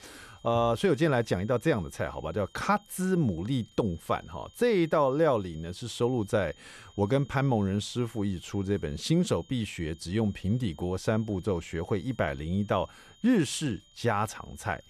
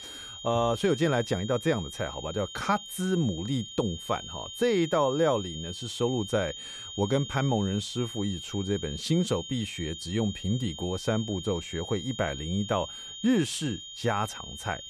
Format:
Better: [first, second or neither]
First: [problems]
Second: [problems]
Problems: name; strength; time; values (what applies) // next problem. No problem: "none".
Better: first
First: high-pitched whine; faint; throughout; 3 kHz, 30 dB below the speech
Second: high-pitched whine; loud; throughout; 3 kHz, 9 dB below the speech